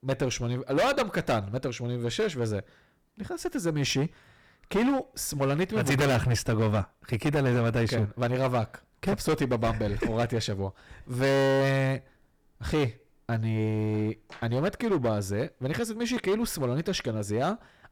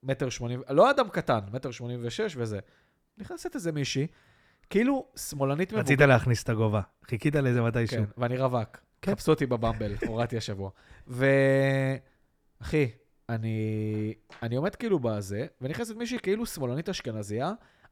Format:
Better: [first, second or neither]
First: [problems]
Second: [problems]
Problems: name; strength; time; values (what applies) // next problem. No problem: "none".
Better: second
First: distortion; heavy; 12% of the sound clipped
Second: none